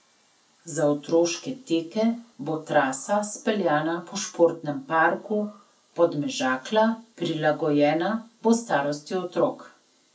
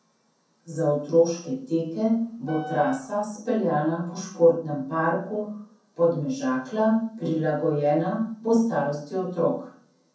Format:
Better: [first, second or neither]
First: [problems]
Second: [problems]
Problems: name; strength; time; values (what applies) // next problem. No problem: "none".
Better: first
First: none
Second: background sound (Wind instrument, woodwind instrument); 13 dB below the speech // room echo; dies away in 0.6 s